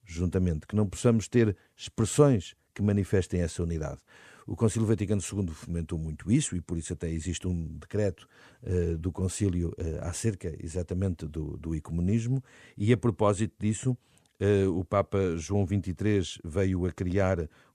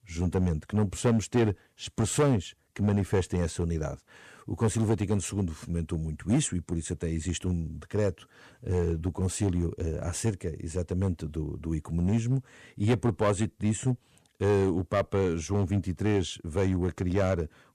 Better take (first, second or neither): first